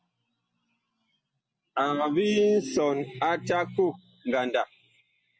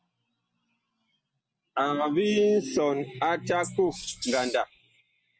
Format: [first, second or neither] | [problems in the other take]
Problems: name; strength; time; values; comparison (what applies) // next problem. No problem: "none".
first | background sound (Wild animals); 10 dB below the speech